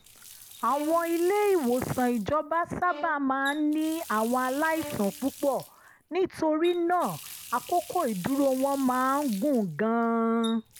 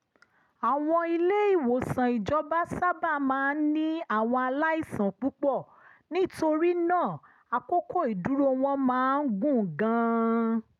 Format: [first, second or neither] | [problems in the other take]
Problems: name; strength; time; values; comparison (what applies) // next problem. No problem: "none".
second | background sound (Bowed string instrument + Water tap, faucet); 17 dB below the speech